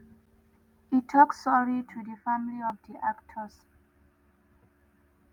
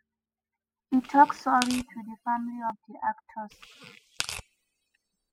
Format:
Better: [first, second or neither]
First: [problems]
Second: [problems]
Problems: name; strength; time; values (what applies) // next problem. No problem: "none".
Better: first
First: none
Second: noise reduction (classical method spectral subtraction)